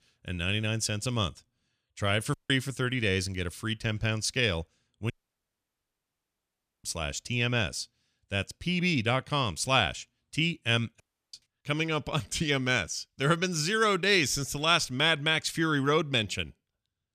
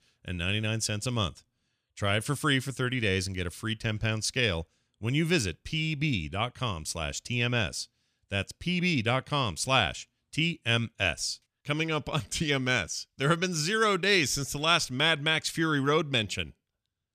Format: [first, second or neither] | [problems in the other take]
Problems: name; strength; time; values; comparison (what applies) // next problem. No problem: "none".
second | audio cutting out; at 2.5 s, at 5 s for 1.5 s and at 11 s